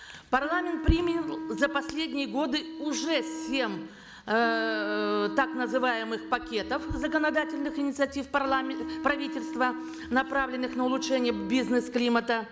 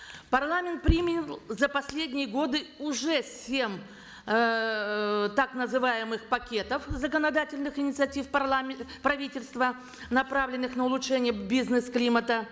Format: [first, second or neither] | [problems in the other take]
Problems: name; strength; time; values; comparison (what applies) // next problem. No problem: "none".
second | background sound (Wind instrument, woodwind instrument); 8 dB below the speech